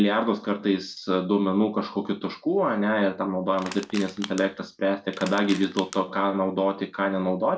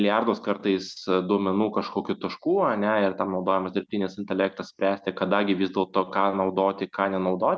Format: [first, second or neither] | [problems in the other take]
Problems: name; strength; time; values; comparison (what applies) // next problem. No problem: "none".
second | background sound (Crushing); 15 dB below the speech // room echo; dies away in 0.2 s